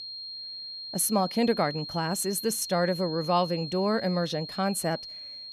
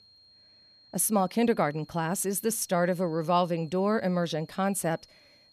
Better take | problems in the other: second | high-pitched whine; loud; throughout; 4 kHz, 9 dB below the speech; faint in the second

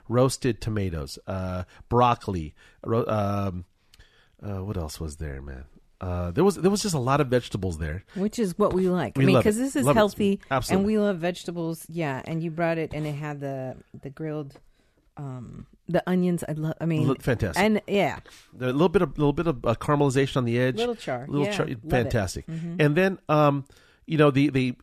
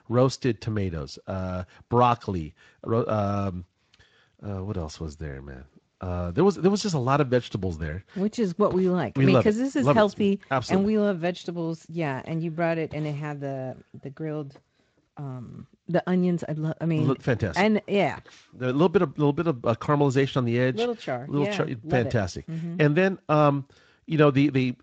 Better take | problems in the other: first | garbled, watery; slightly; nothing above 7.5 kHz

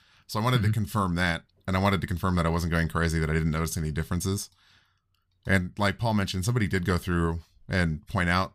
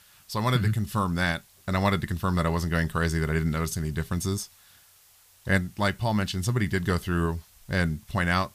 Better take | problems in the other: first | hiss; faint; throughout; 25 dB below the speech

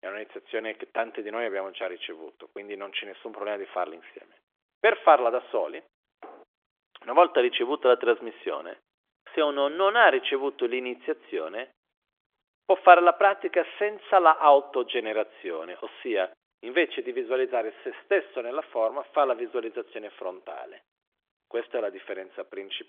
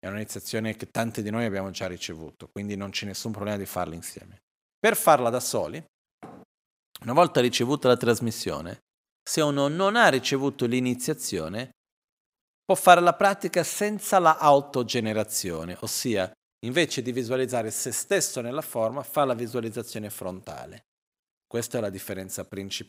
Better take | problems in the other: second | phone-call audio; nothing above 3.5 kHz

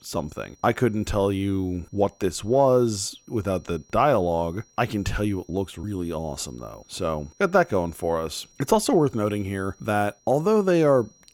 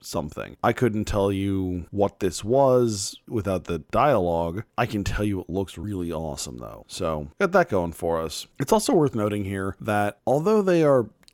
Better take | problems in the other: second | high-pitched whine; faint; throughout; 5.5 kHz, 30 dB below the speech

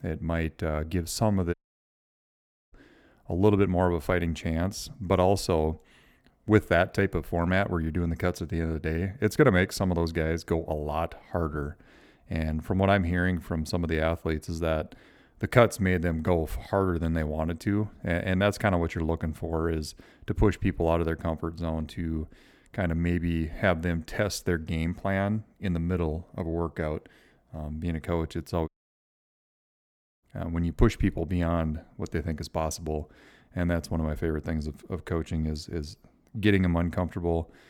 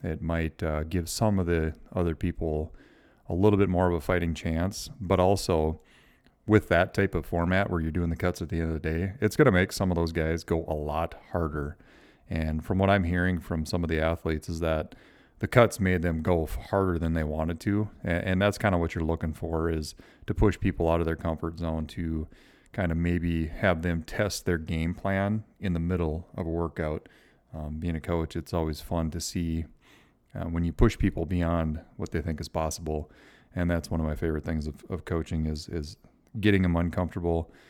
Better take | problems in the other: second | audio cutting out; at 1.5 s for 1 s and at 29 s for 1.5 s

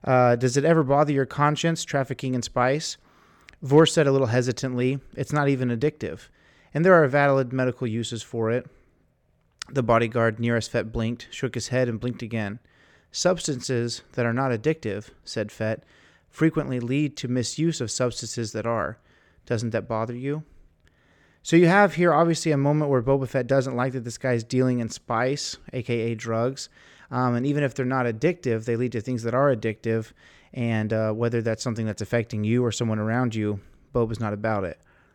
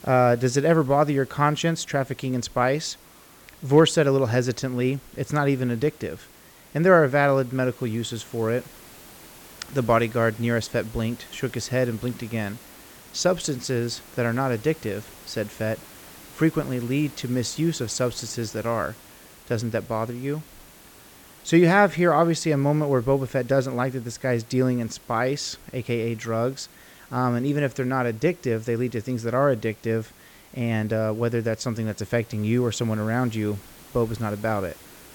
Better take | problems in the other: first | hiss; faint; throughout; 20 dB below the speech

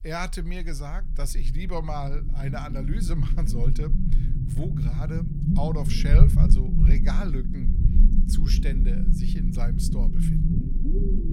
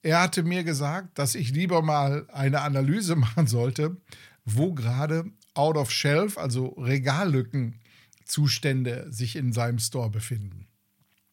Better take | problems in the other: second | low rumble; loud; throughout; 1 dB below the speech

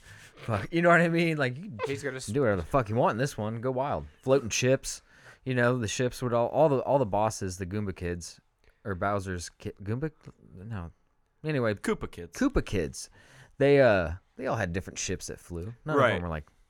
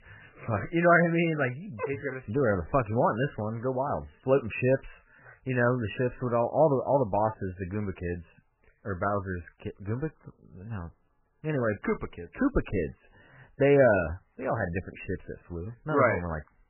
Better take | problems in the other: first | garbled, watery; badly; nothing above 3 kHz

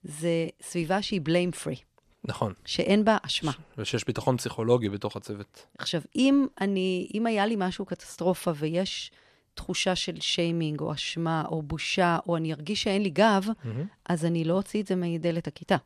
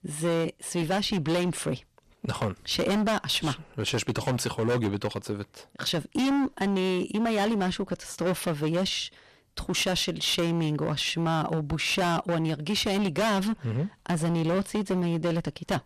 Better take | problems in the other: first | distortion; heavy; 19% of the sound clipped

